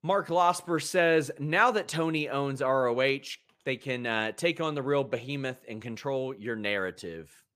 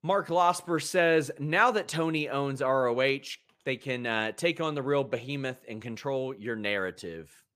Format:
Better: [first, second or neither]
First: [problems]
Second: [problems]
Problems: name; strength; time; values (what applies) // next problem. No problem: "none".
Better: neither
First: none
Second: none